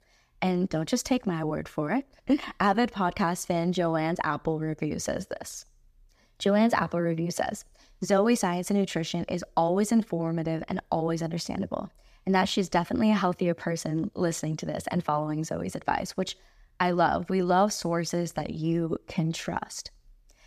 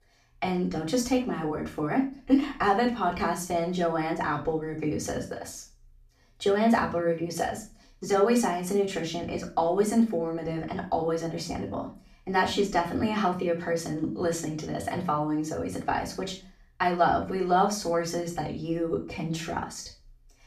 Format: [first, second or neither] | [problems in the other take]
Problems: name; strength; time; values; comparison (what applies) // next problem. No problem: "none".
first | off-mic speech; far // room echo; slight; dies away in 0.3 s